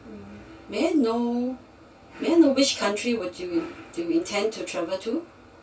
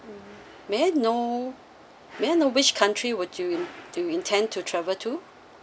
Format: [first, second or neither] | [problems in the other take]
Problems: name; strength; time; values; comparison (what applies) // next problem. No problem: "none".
second | room echo; dies away in 0.2 s